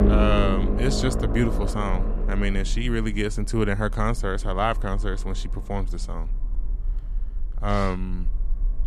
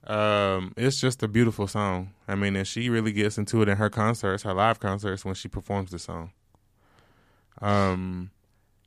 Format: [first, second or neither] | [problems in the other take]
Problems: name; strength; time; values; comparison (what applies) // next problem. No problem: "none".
second | low rumble; loud; throughout; 5 dB below the speech